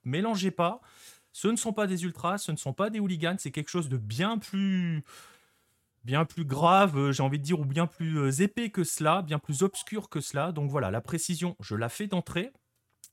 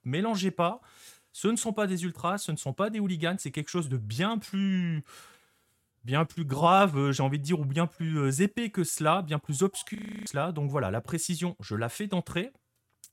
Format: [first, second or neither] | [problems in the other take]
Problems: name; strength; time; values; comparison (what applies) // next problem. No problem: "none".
first | audio freezing; at 10 s